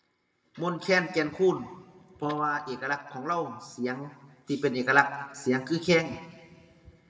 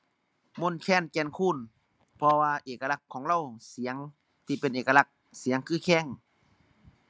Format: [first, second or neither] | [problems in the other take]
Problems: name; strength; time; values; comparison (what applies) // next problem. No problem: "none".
second | room echo; dies away in 1.1 s